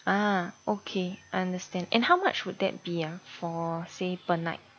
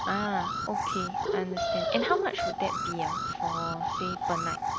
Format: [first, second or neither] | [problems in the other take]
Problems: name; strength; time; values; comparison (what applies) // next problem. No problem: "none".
first | background sound (Alarm); 3 dB above the speech